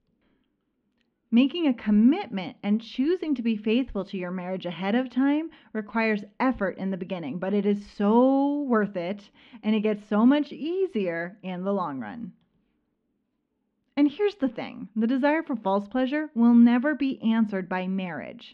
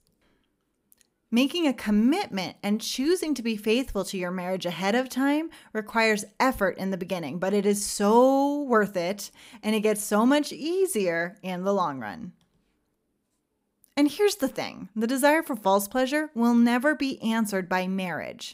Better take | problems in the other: second | muffled; slightly; fading above 3 kHz

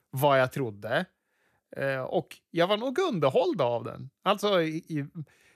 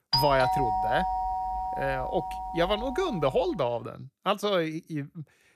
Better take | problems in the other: first | doorbell; loud; until 3.5 s; peak 4 dB above the speech

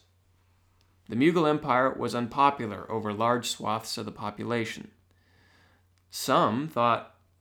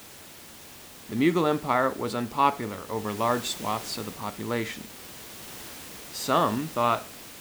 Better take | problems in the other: first | hiss; noticeable; throughout; 15 dB below the speech

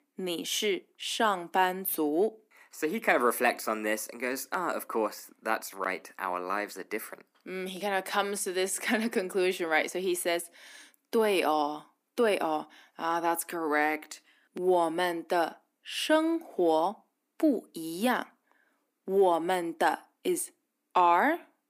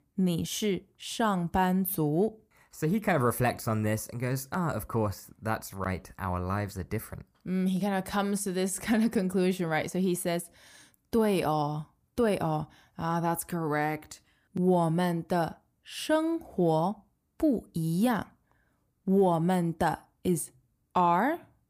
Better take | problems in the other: second | thin; somewhat; fading below 250 Hz

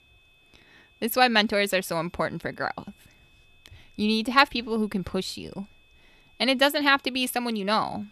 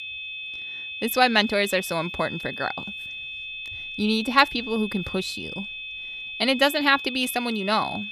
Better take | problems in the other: first | high-pitched whine; loud; throughout; 2.5 kHz, 9 dB below the speech; faint in the first

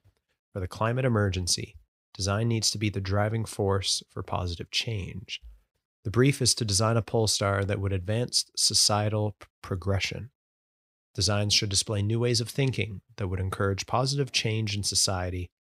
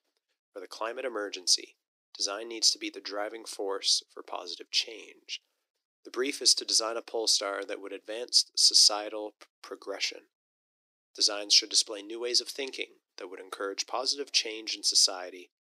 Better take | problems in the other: first | thin; very; fading below 300 Hz

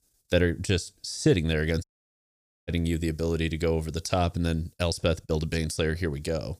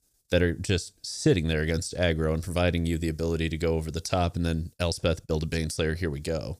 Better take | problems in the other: second | audio cutting out; at 2 s for 1 s

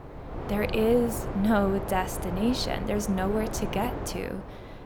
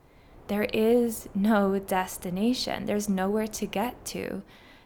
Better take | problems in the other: second | wind noise on the microphone; heavy; 8 dB below the speech; occasional gusts in the second

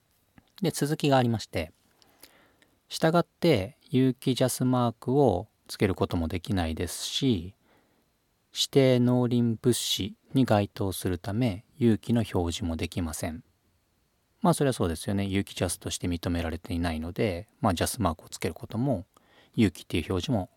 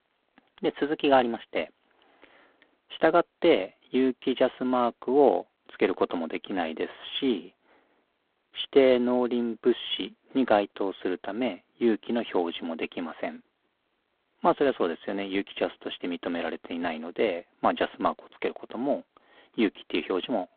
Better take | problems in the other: first | phone-call audio; poor line

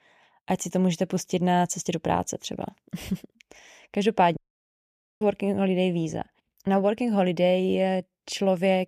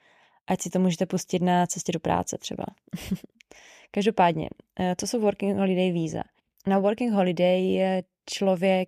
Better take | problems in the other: second | audio cutting out; at 4.5 s for 1 s

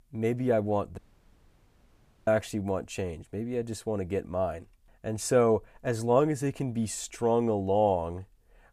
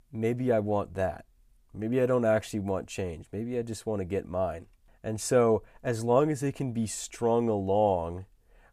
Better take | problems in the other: second | audio cutting out; at 1 s for 1.5 s

